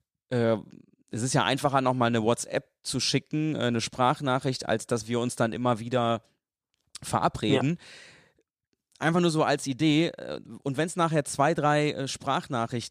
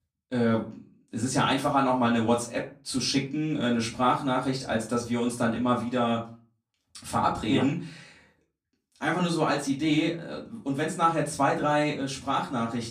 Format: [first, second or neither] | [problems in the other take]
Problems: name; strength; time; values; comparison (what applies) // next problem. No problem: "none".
first | off-mic speech; far // room echo; very slight; dies away in 0.3 s